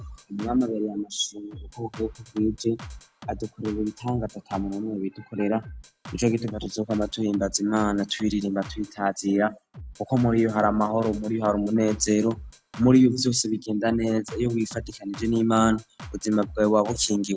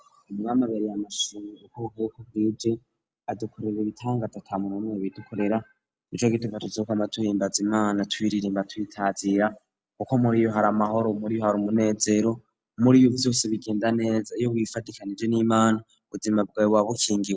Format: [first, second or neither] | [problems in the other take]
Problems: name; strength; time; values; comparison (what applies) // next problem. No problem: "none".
second | background sound (Drum kit); 18 dB below the speech